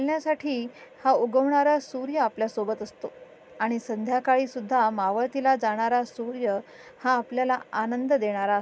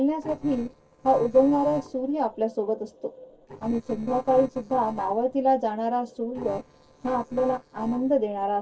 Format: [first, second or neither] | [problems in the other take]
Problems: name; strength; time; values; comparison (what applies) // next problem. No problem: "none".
first | noise reduction (neural separator model SepFormer DNS4)